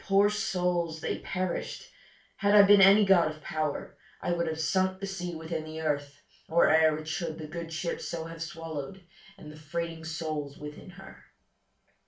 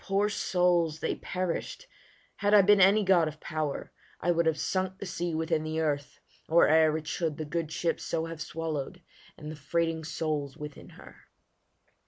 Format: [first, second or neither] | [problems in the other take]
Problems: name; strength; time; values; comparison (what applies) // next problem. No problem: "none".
second | room echo; dies away in 0.3 s